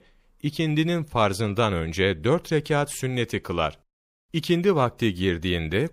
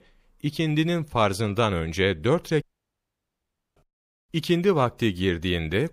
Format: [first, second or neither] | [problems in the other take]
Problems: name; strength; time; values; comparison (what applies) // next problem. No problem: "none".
first | audio cutting out; at 2.5 s for 1 s